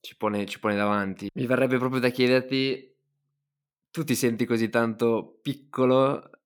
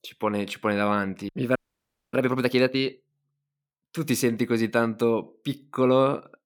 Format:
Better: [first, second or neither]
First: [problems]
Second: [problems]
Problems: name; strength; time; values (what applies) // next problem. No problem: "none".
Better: first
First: none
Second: audio freezing; at 1.5 s for 0.5 s